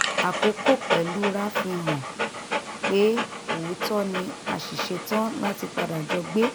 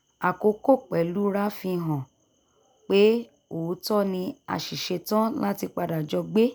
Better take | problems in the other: second | background sound (Dog); 2 dB below the speech

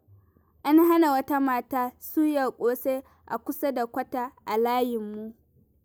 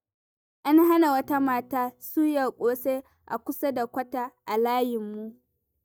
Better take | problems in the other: first | noise reduction (neural mask model DeepFilterNet 3)

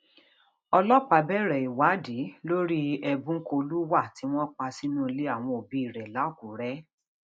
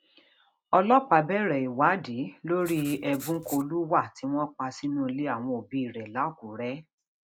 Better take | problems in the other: first | background sound (Writing); 17 dB below the speech

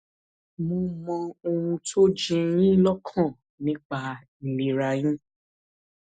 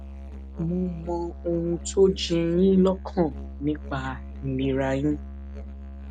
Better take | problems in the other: first | background sound (Musical instrument); 11 dB below the speech

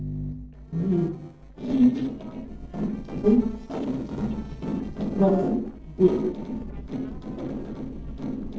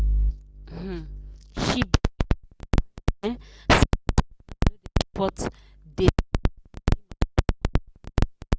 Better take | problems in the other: second | noise reduction (neural separator model SepFormer DNS4)

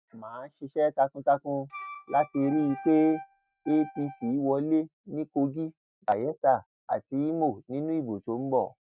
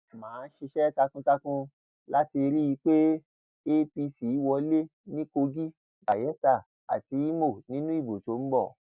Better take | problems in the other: second | noise reduction (neural mask model RNNoise)

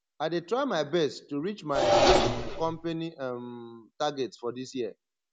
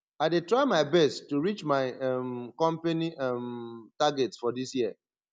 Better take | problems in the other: second | background sound (Engine); 1 dB above the speech

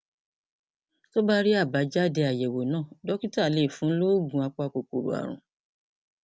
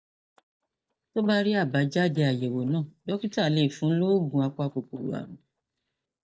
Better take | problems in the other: first | noise reduction (neural mask model DeepFilterNet 3)

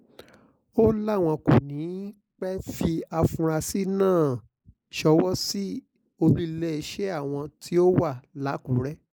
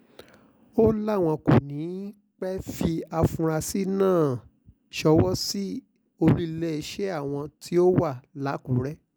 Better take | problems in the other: second | noise reduction (neural mask model Resemble Enhance denoiser)

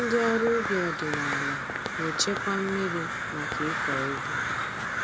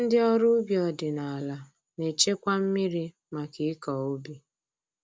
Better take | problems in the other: second | background sound (Crow); as loud as the speech

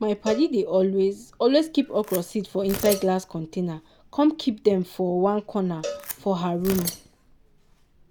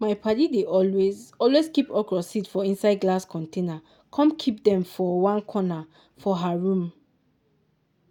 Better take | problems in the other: second | background sound (Tearing + Cowbell); 14 dB below the speech

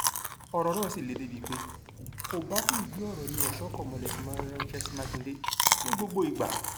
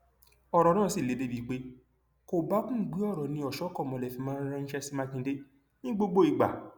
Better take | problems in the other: second | background sound (Chewing, mastication); 2 dB above the speech

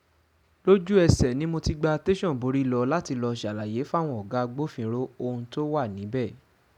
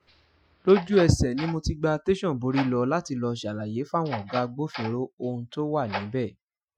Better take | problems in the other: first | noise reduction (classical method Wiener filter)

